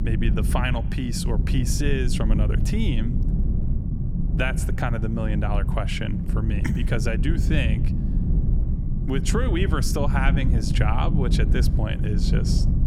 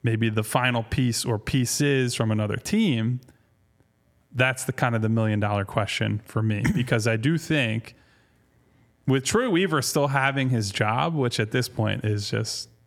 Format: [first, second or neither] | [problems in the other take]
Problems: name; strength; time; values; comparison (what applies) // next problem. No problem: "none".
second | low rumble; loud; throughout; 7 dB below the speech